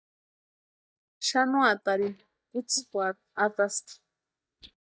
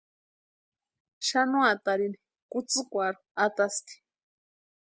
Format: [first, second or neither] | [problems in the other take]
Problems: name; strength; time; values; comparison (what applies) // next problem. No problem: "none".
second | noise reduction (neural mask model DeepFilterNet 3)